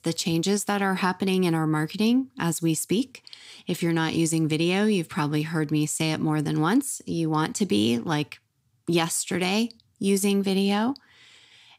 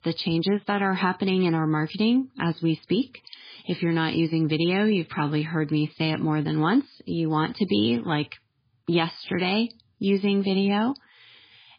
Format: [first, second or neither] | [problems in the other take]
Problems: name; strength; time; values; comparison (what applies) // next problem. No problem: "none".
first | garbled, watery; badly; nothing above 4.5 kHz